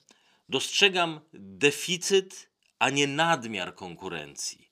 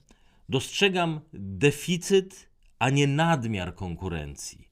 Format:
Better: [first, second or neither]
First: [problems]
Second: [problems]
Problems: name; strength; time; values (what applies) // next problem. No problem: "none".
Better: second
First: thin; somewhat; fading below 250 Hz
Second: none